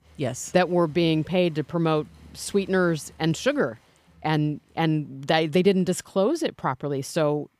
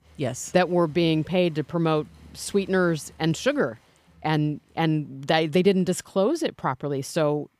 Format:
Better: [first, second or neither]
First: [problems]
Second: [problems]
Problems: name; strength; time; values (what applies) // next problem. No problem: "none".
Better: neither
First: crowd noise; faint; throughout; 30 dB below the speech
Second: crowd noise; faint; throughout; 30 dB below the speech